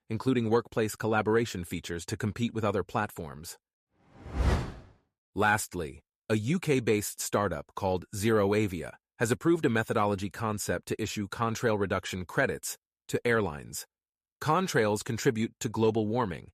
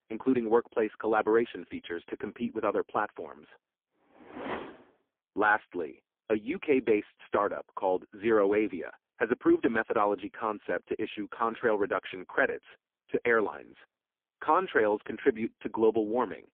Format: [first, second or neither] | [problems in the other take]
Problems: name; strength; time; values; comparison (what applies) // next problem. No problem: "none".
first | phone-call audio; poor line; nothing above 3.5 kHz